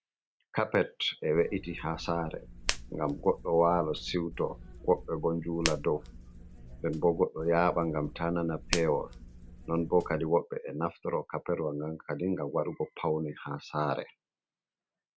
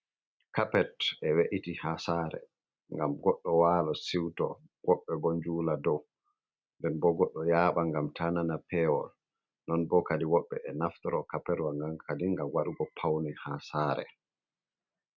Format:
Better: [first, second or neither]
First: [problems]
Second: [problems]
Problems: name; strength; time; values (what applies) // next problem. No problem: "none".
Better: second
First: background sound (Hands); 10 dB below the speech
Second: none